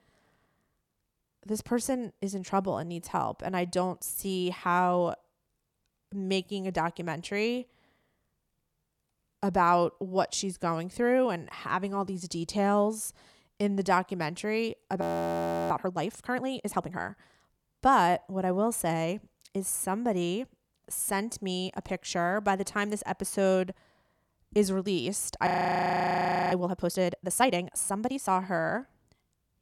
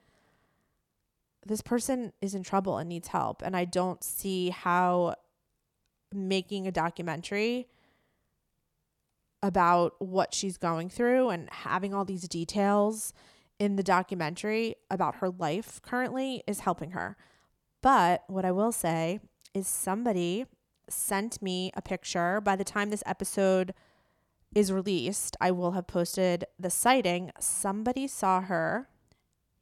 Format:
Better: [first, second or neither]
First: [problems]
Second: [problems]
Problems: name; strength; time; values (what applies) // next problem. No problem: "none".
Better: second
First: audio freezing; at 15 s for 0.5 s and at 25 s for 1 s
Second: none